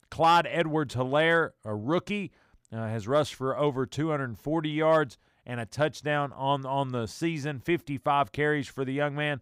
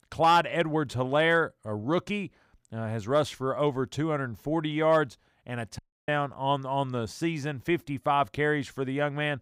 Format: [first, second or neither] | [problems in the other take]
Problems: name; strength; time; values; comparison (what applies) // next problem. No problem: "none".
first | audio cutting out; at 6 s